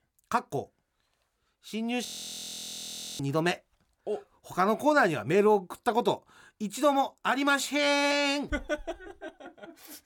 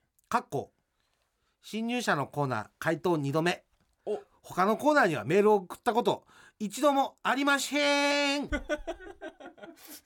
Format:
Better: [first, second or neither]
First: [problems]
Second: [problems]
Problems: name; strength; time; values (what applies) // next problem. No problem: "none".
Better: second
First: audio freezing; at 2 s for 1 s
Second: none